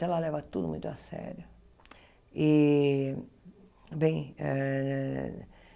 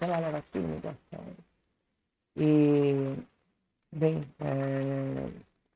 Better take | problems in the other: first | noise reduction (neural mask model RNNoise)

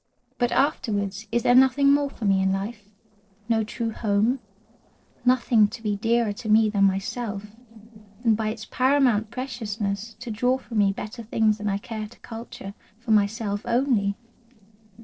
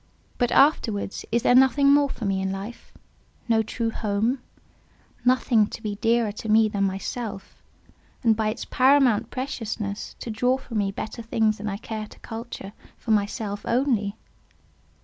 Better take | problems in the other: second | noise reduction (neural separator model SepFormer DNS4)

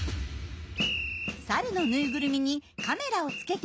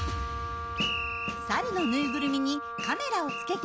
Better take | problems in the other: first | background sound (Wind instrument, woodwind instrument); 6 dB below the speech

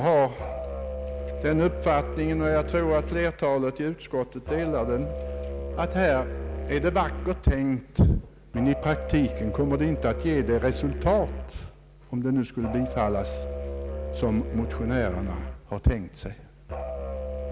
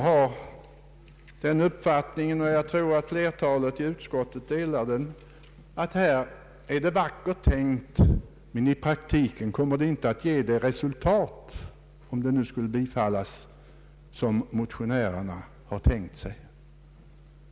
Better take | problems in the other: second | background sound (Musical instrument); 7 dB below the speech

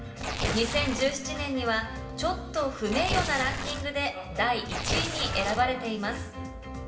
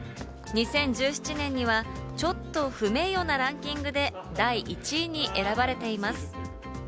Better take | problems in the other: second | background sound (Tearing); 4 dB below the speech // room echo; dies away in 0.8 s

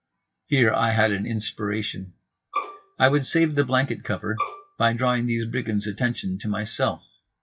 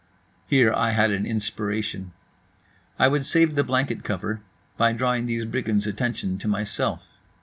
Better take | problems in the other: second | noise reduction (classical method WPE with log-MMSE)

